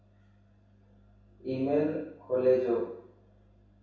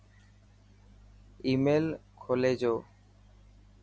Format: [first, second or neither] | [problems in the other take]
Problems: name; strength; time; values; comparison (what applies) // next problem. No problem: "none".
second | room echo; dies away in 0.7 s